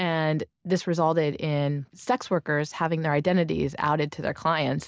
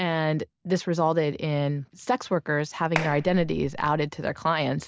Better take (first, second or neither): first